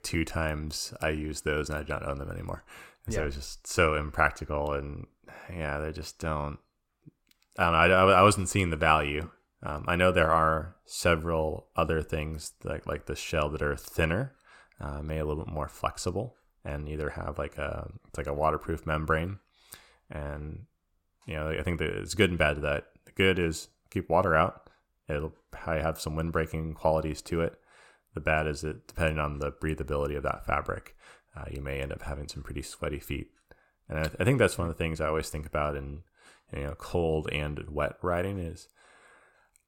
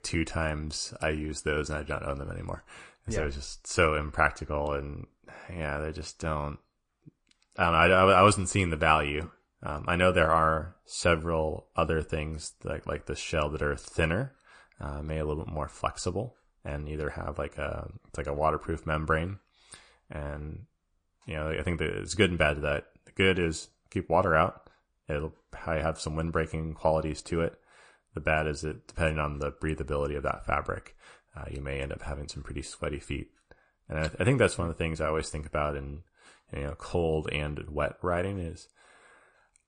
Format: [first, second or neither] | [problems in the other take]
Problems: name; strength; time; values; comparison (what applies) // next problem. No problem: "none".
first | garbled, watery; slightly; nothing above 9.5 kHz